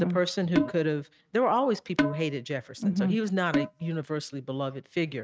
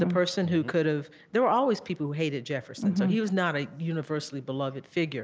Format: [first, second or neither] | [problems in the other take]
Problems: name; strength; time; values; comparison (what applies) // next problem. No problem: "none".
second | noise reduction (neural mask model RNNoise)